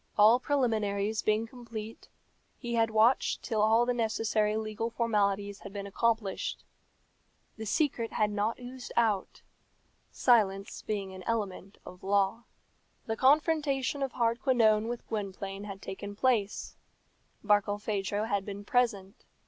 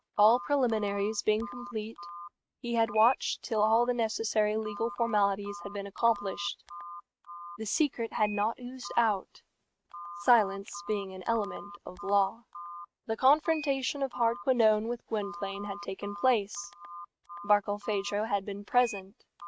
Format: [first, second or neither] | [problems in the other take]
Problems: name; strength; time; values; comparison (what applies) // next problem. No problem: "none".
first | noise reduction (neural mask model RNNoise)